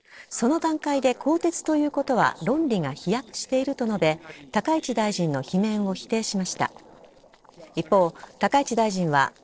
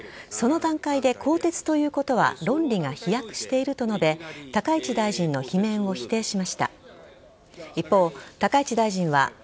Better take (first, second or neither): second